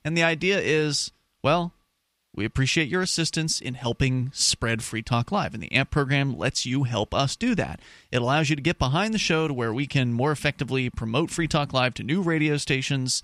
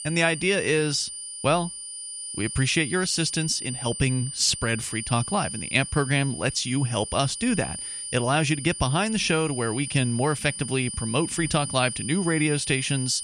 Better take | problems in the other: first | high-pitched whine; loud; throughout; 9.5 kHz, 7 dB below the speech

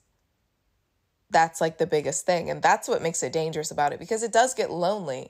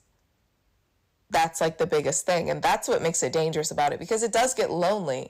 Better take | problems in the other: first | distortion; heavy; 9% of the sound clipped

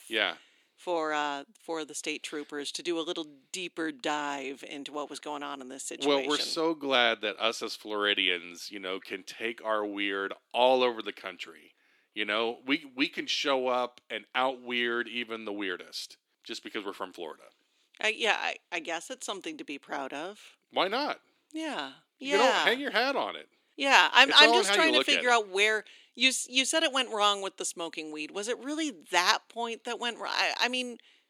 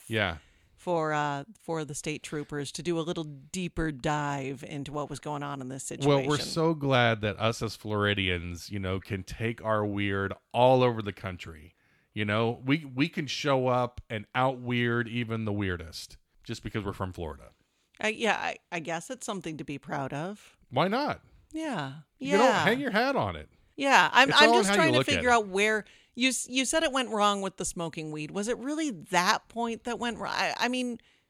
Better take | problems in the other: second | thin; very slightly; fading below 300 Hz

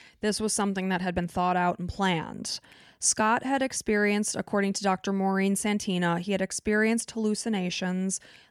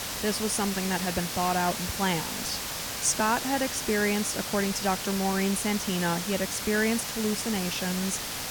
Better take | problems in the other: first | hiss; loud; throughout; 3 dB below the speech

